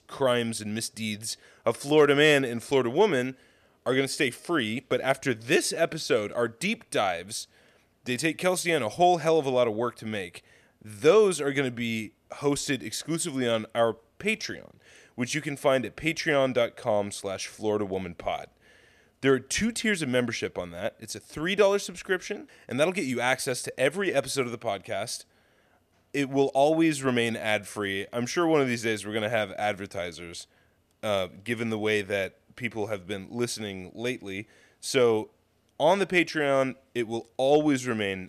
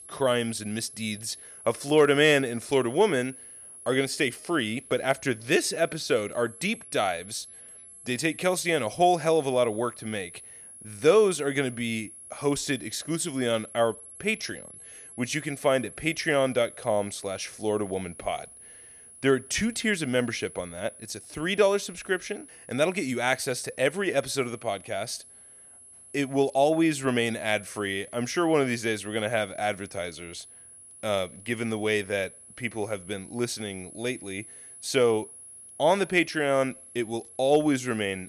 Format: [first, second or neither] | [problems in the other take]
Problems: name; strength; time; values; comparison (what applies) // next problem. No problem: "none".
first | high-pitched whine; noticeable; throughout; 10.5 kHz, 15 dB below the speech